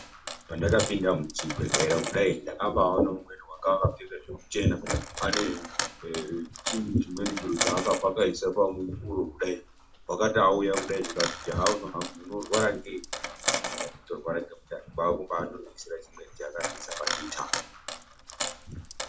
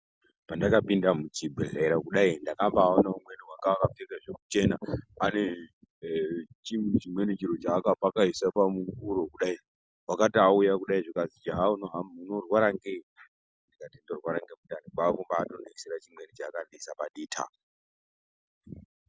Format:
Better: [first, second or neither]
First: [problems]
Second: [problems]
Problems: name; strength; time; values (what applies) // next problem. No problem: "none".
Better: second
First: background sound (Coin (dropping)); 7 dB below the speech // room echo; dies away in 0.2 s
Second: none